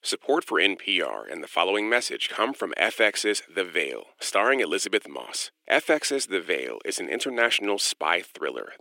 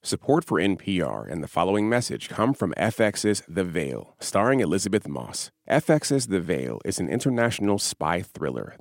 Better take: second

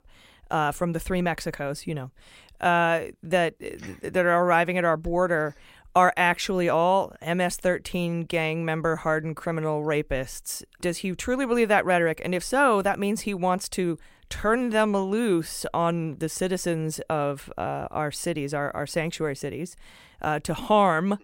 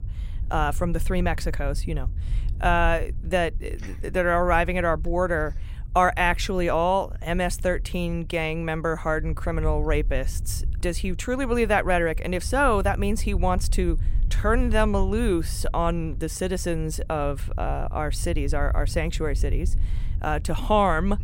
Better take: first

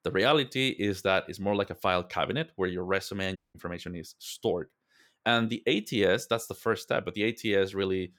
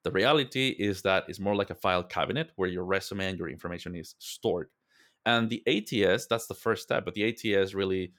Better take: second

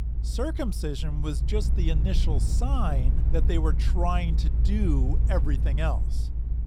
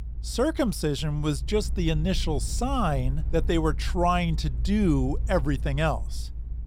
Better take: second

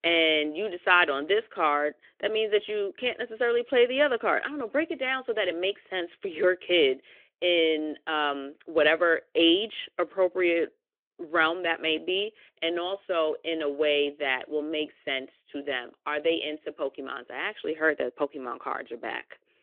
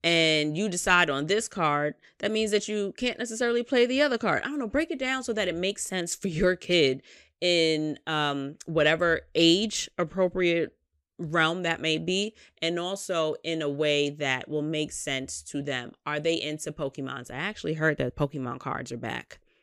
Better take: second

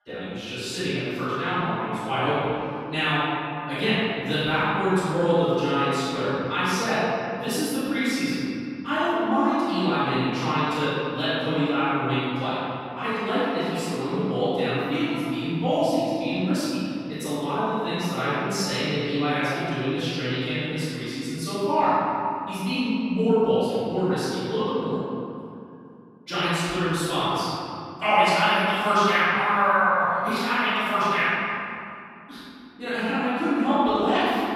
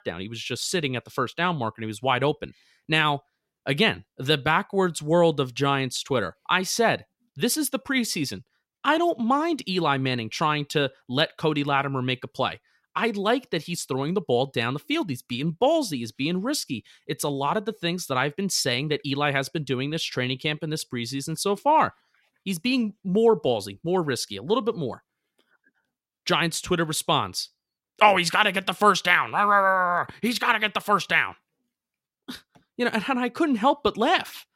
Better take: second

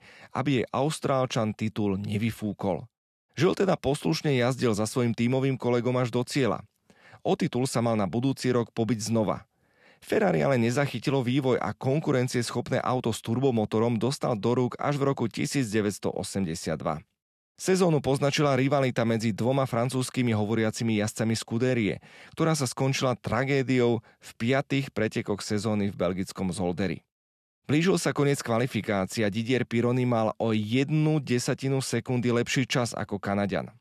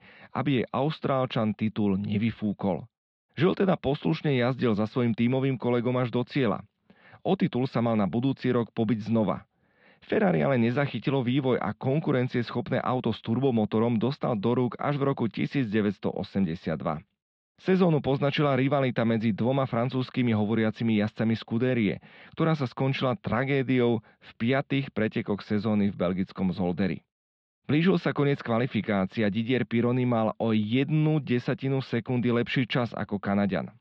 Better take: first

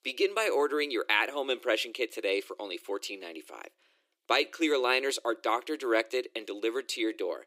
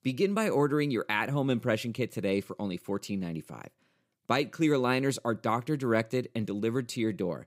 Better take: second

